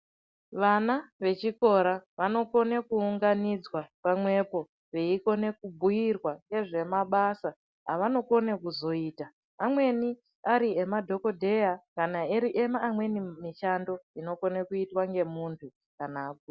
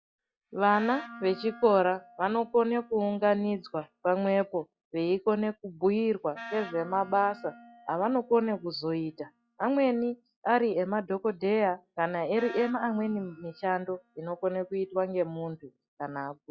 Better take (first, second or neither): first